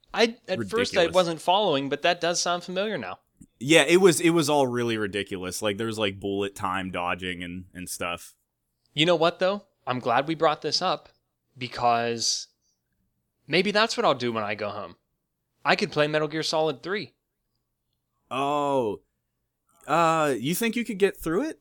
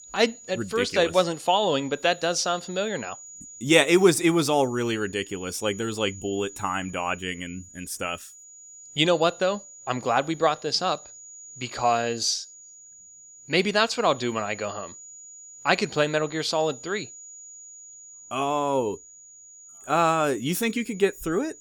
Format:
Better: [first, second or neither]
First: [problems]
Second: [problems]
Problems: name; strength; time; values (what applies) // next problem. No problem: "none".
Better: first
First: none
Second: high-pitched whine; noticeable; throughout; 7 kHz, 20 dB below the speech